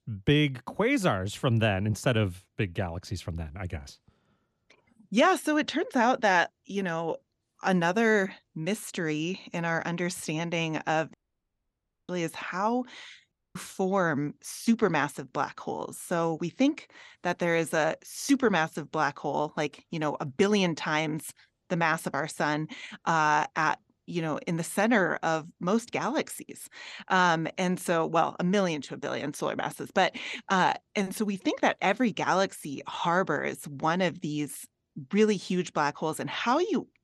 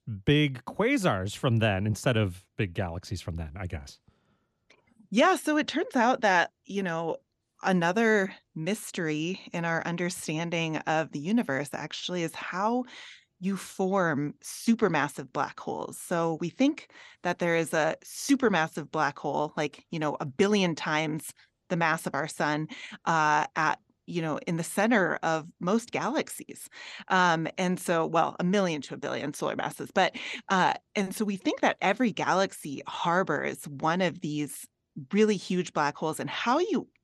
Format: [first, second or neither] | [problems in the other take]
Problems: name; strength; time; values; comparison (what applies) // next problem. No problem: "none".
second | audio cutting out; at 11 s for 1 s and at 13 s